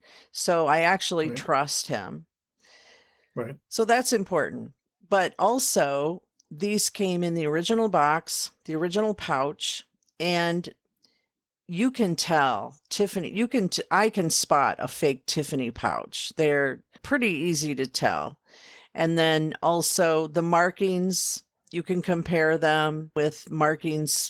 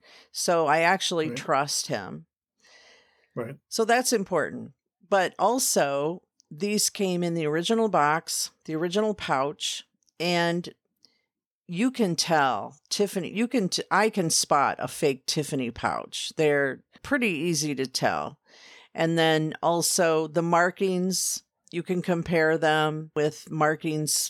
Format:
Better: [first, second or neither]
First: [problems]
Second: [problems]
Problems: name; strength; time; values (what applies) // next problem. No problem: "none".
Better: second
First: garbled, watery; slightly; nothing above 15.5 kHz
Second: none